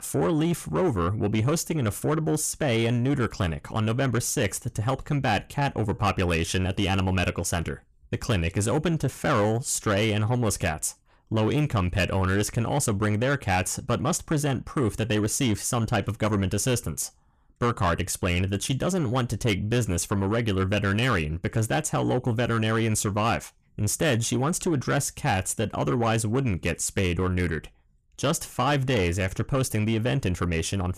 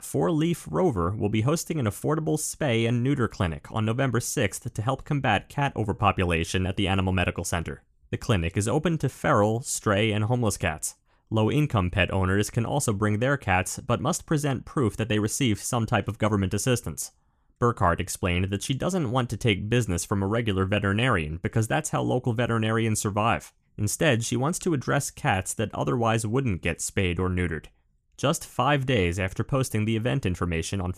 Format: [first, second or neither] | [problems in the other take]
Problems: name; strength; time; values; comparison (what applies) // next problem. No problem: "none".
second | distortion; slight; 10 dB below the speech